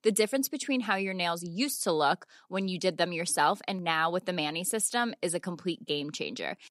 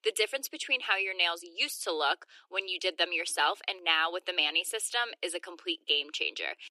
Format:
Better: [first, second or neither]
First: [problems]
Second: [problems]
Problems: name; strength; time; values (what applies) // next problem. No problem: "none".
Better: first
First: none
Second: thin; very; fading below 300 Hz